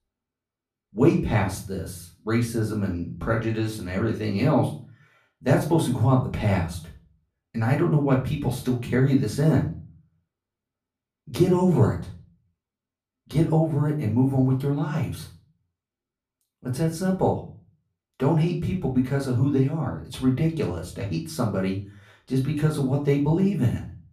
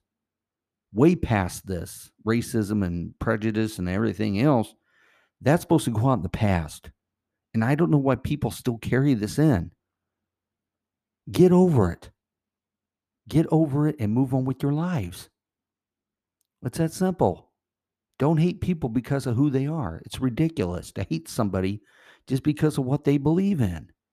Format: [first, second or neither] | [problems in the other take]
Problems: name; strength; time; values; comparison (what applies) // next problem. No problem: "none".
second | room echo; slight; dies away in 0.3 s // off-mic speech; far